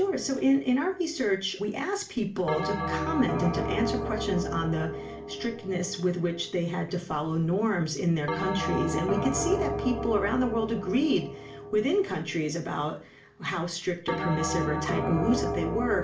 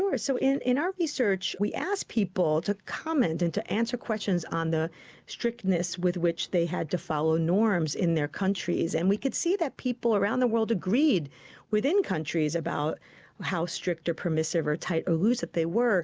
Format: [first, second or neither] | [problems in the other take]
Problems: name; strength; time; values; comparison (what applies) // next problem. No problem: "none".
second | background sound (Bell); 5 dB below the speech // room echo; dies away in 0.4 s